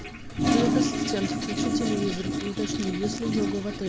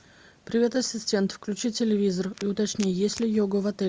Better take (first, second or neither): second